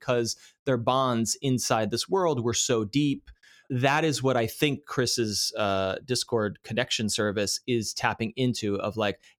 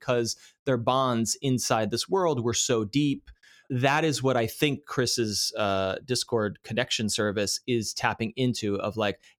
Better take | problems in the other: neither | none

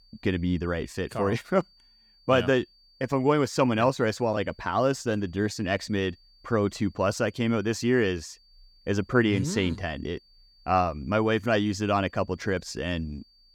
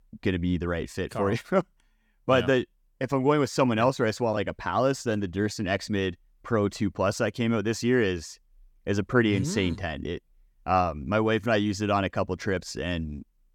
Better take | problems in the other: second | high-pitched whine; faint; throughout; 4.5 kHz, 30 dB below the speech

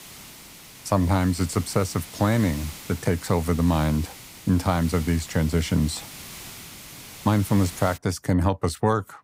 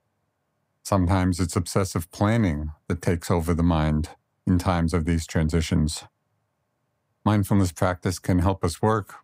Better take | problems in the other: second | hiss; noticeable; until 8 s; 15 dB below the speech

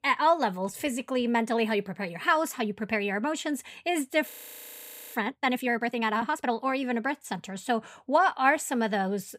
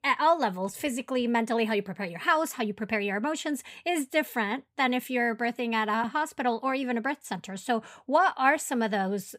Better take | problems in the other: second | audio freezing; at 4.5 s for 1 s

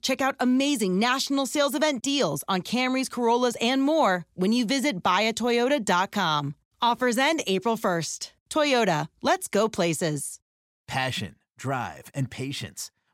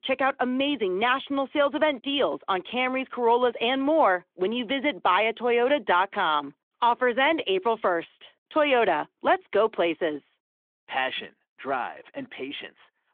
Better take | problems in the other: first | phone-call audio; nothing above 3.5 kHz

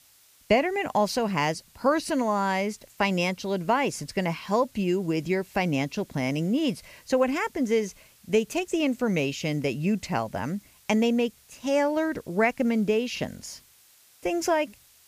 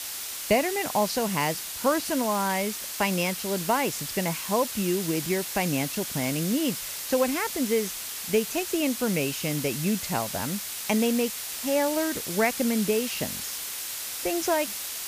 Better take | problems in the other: first | hiss; loud; throughout; 4 dB below the speech; faint in the first

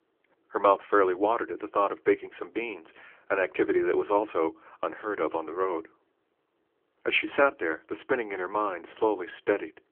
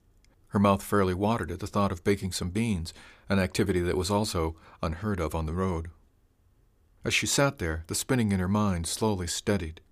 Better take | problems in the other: second | phone-call audio; nothing above 3 kHz

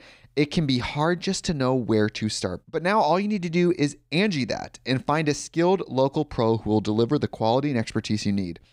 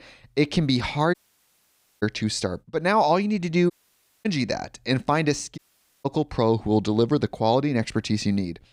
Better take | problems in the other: first | audio cutting out; at 1 s for 1 s, at 3.5 s for 0.5 s and at 5.5 s

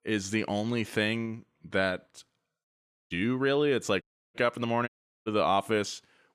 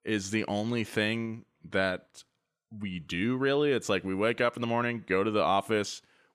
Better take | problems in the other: second | audio cutting out; at 2.5 s, at 4 s and at 5 s

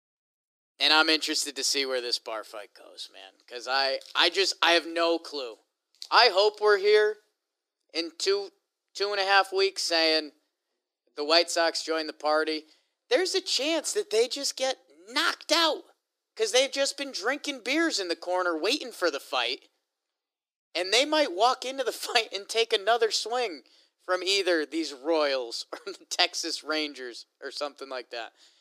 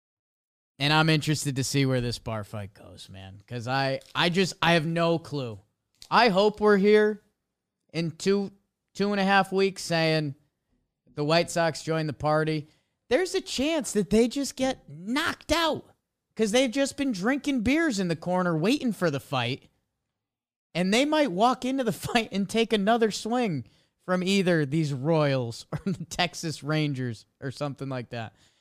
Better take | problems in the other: second | thin; very; fading below 300 Hz

